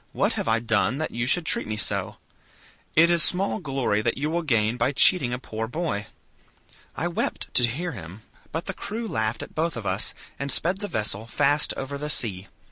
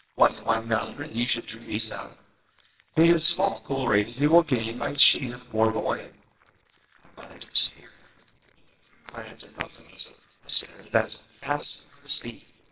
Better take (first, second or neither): first